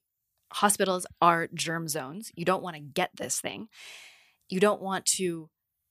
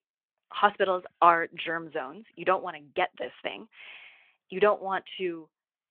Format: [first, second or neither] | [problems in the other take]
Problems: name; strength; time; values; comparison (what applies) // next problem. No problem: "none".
first | phone-call audio